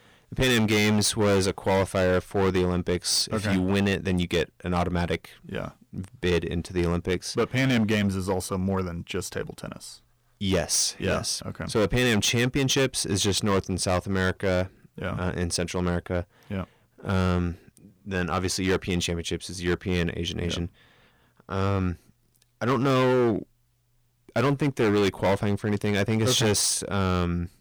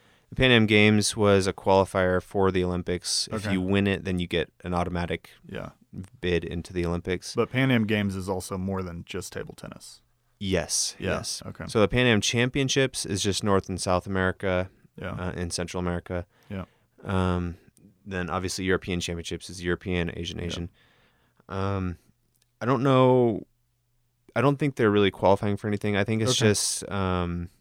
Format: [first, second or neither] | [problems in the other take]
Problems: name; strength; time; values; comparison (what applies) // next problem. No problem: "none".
second | distortion; heavy; 9% of the sound clipped